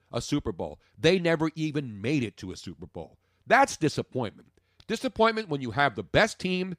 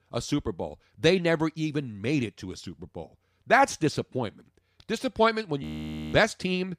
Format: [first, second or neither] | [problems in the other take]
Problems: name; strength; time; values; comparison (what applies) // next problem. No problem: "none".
first | audio freezing; at 5.5 s for 0.5 s